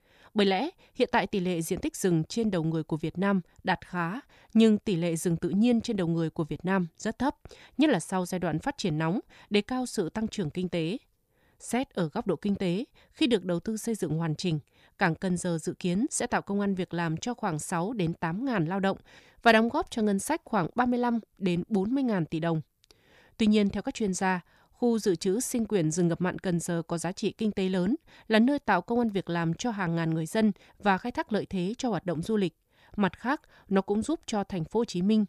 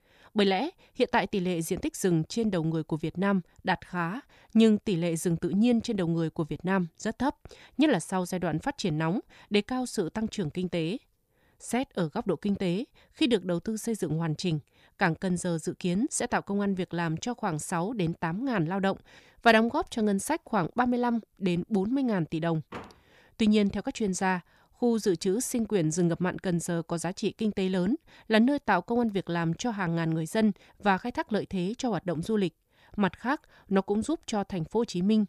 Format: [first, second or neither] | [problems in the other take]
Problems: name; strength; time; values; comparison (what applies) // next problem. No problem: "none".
first | door banging; faint; at 23 s; peak 15 dB below the speech